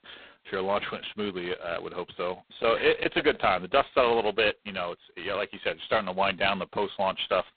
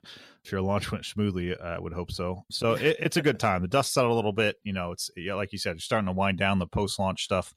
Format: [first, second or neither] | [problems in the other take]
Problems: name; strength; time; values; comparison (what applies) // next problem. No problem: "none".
second | phone-call audio; poor line; nothing above 4 kHz